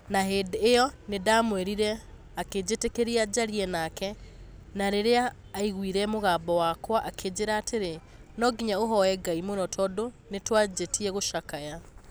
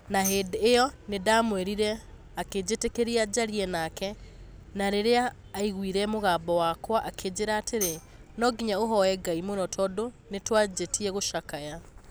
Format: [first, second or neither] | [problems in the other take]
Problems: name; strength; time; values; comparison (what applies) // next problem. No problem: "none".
first | background sound (Tambourine); 12 dB below the speech